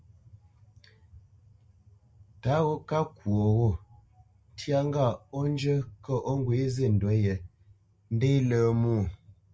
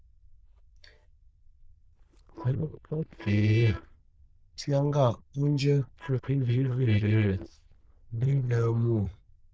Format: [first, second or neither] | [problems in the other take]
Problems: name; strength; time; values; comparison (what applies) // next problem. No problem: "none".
first | noise reduction (neural diffusion model UNIVERSE++)